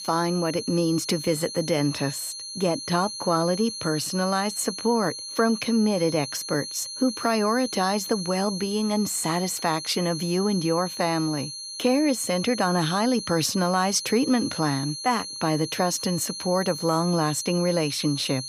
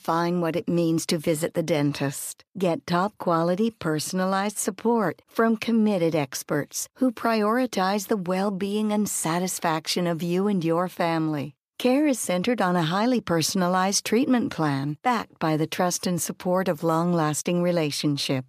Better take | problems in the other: second | high-pitched whine; loud; throughout; 4.5 kHz, 8 dB below the speech

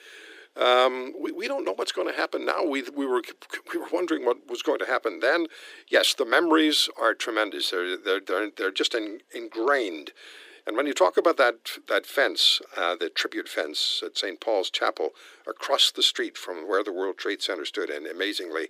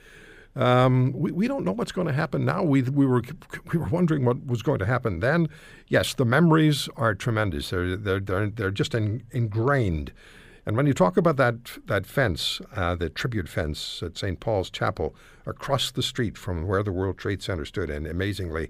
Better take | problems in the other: second | thin; very; fading below 300 Hz

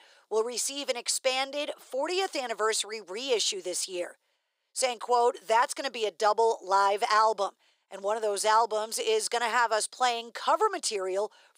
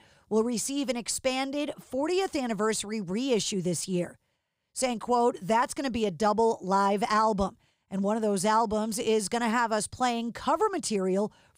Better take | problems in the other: second | thin; very; fading below 400 Hz

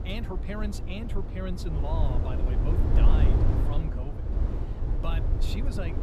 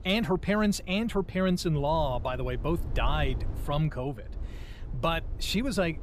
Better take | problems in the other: second | low rumble; loud; throughout; as loud as the speech; faint in the second

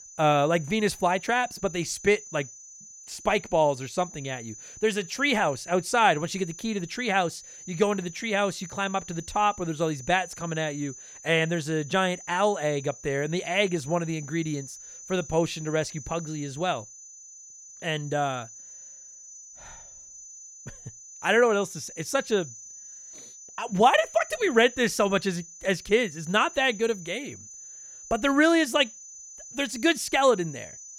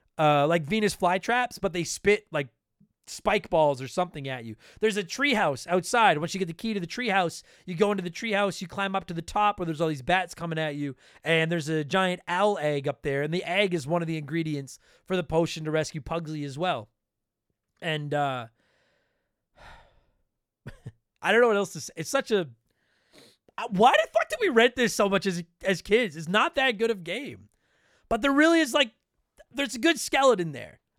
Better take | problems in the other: second | high-pitched whine; noticeable; throughout; 6 kHz, 15 dB below the speech

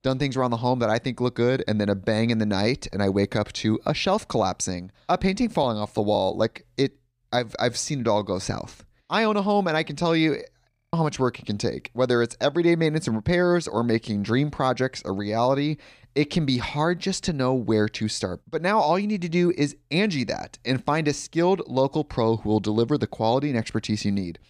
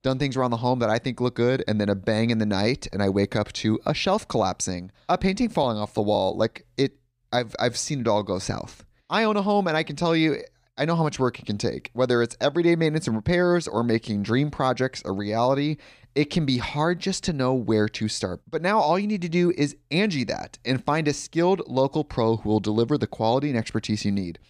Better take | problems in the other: second | audio freezing; at 11 s

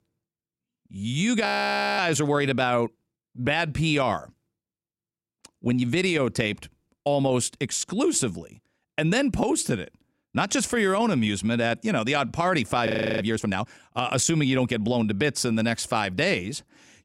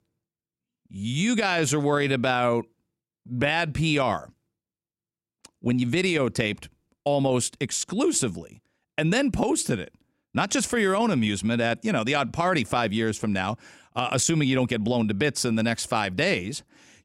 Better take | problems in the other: second | audio freezing; at 1.5 s for 0.5 s and at 13 s

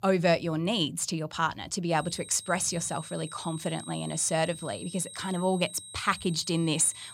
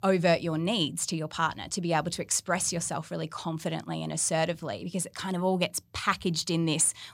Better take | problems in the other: second | high-pitched whine; noticeable; from 2 s on; 8.5 kHz, 15 dB below the speech

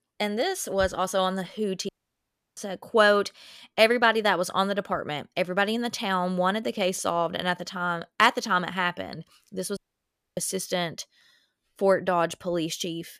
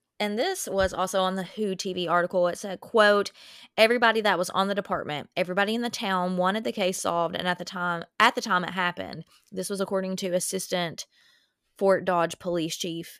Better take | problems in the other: second | audio cutting out; at 2 s for 0.5 s and at 10 s for 0.5 s

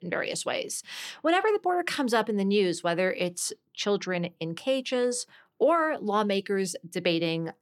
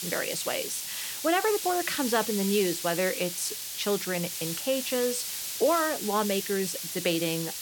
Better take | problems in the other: first | hiss; loud; throughout; 4 dB below the speech

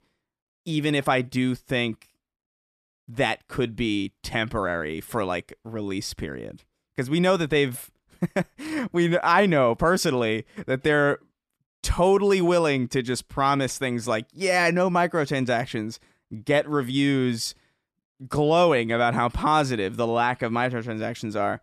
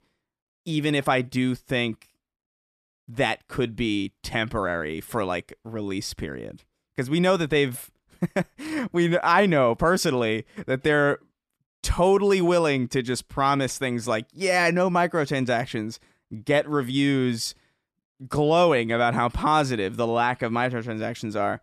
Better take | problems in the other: neither | none

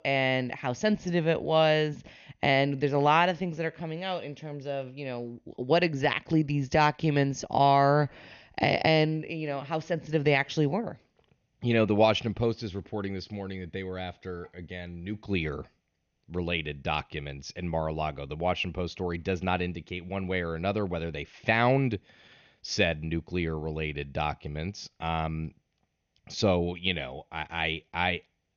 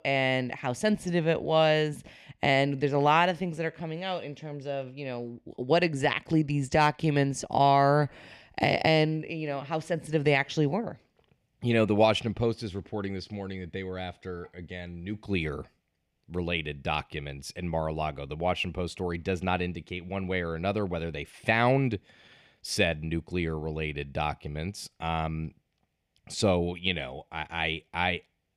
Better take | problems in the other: second | garbled, watery; slightly; nothing above 6.5 kHz

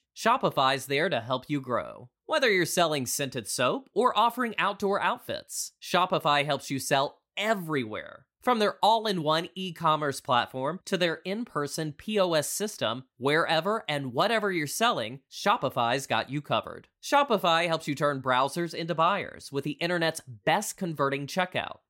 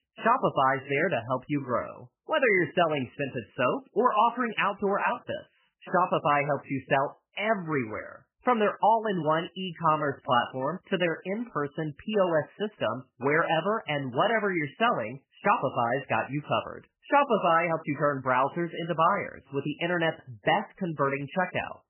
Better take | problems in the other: first | garbled, watery; badly; nothing above 3 kHz

